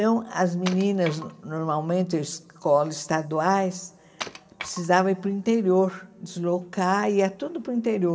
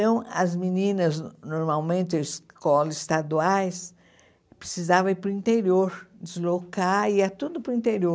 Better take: second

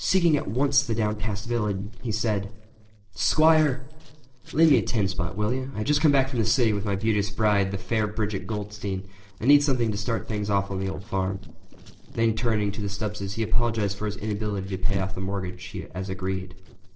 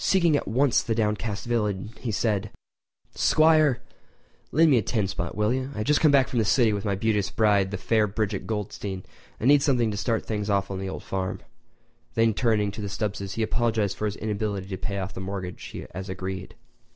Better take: second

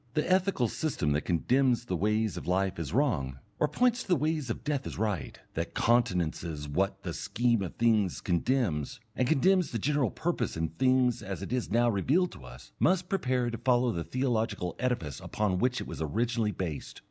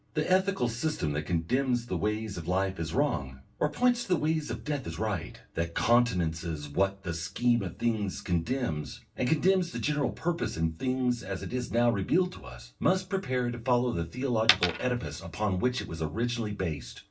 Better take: first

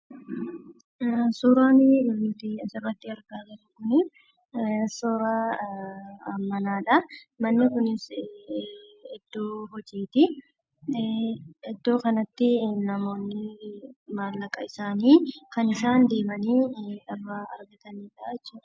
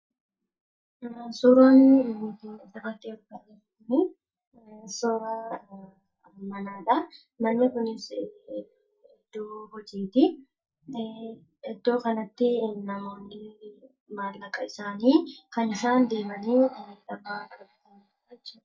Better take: first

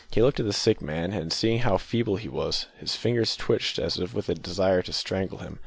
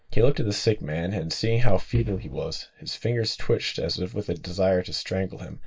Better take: first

